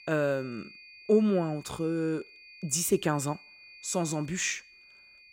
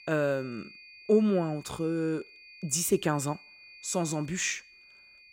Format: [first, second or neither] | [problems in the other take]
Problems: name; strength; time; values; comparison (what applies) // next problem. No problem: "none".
neither | high-pitched whine; faint; throughout; 2.5 kHz, 20 dB below the speech; the same in both